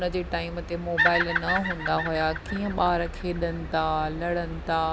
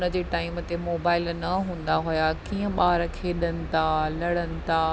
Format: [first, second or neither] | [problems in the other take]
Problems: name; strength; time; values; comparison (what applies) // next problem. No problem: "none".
second | background sound (Bird vocalization, bird call, bird song); 6 dB below the speech